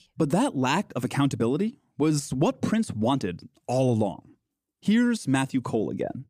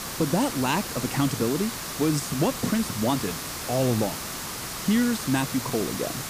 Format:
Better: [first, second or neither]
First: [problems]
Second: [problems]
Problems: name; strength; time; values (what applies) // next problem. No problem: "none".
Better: first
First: none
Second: hiss; loud; throughout; 5 dB below the speech